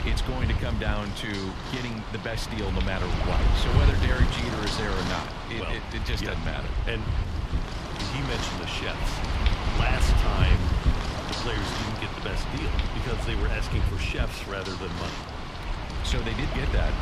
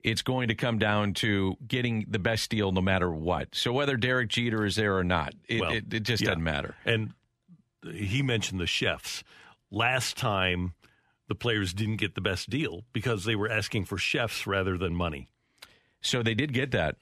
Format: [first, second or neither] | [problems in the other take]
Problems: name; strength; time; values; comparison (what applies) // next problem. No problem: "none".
second | wind noise on the microphone; heavy; as loud as the speech